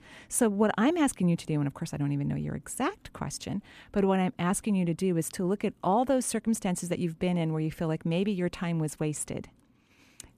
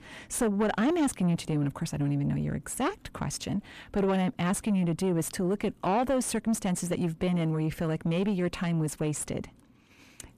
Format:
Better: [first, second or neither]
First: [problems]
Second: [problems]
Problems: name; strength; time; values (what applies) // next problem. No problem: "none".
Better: first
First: none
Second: distortion; slight; 9 dB below the speech